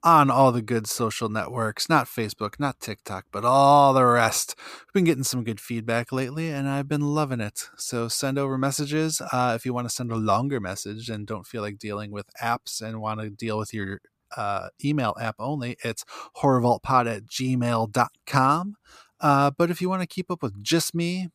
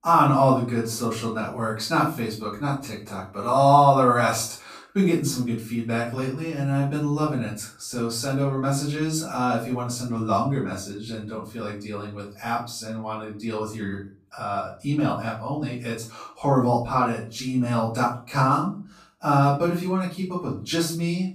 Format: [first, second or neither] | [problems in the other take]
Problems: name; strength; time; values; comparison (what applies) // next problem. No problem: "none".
first | off-mic speech; far // room echo; noticeable; dies away in 0.3 s